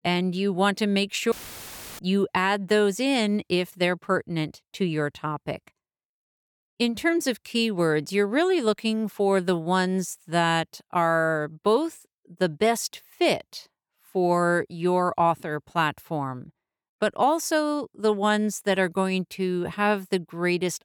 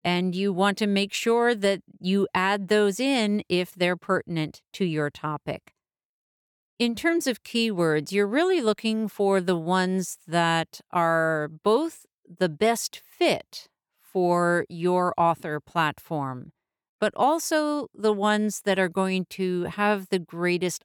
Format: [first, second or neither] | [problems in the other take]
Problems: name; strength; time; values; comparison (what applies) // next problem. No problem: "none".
second | audio cutting out; filled with static; at 1.5 s for 0.5 s